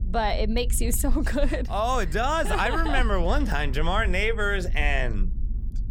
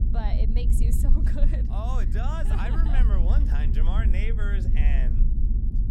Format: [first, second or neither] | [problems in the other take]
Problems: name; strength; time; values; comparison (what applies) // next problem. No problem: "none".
first | low rumble; loud; throughout; 5 dB below the speech; faint in the first